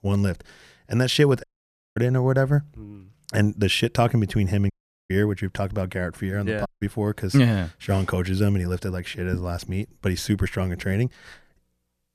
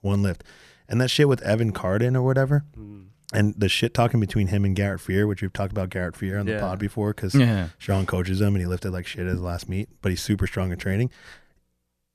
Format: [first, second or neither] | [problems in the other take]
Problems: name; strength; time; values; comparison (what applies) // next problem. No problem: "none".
second | audio cutting out; at 1.5 s for 0.5 s, at 4.5 s and at 6.5 s